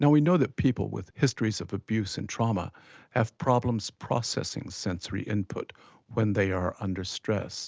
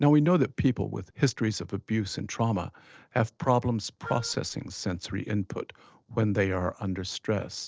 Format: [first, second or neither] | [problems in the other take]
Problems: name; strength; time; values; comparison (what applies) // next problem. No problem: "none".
first | noise reduction (neural separator model SepFormer DNS4)